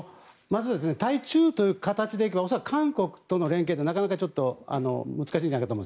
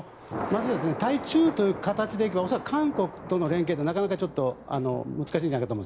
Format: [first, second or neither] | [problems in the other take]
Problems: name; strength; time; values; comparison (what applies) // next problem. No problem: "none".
first | background sound (Thunder); 12 dB below the speech